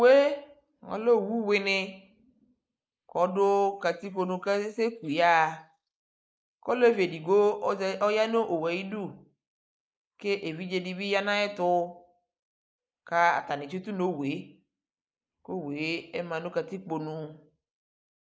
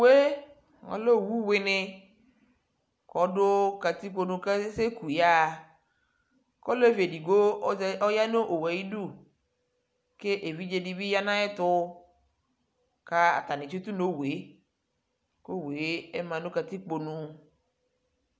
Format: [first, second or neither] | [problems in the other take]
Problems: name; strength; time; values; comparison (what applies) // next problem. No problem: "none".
second | noise reduction (neural mask model Resemble Enhance denoiser)